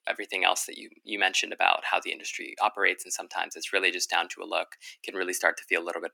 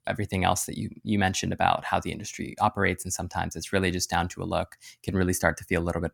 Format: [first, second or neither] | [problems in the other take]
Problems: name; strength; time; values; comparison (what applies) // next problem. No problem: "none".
second | thin; very; fading below 300 Hz